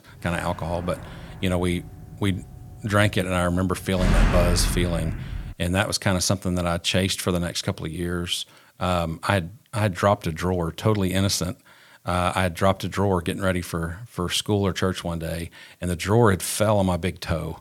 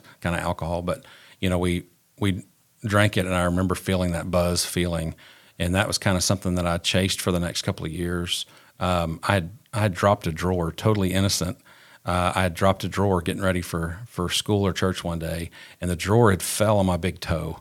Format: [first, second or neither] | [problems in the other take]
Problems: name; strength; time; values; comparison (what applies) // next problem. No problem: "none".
second | door banging; loud; from 4 to 5.5 s; peak 2 dB above the speech